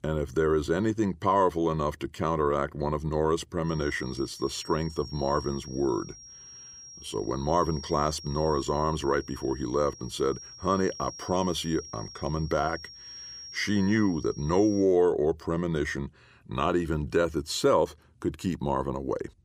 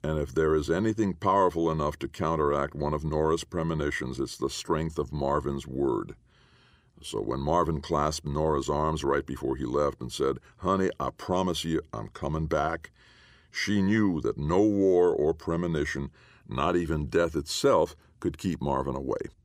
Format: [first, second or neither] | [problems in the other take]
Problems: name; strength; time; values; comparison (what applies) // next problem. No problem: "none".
second | high-pitched whine; noticeable; from 3.5 to 15 s; 5.5 kHz, 15 dB below the speech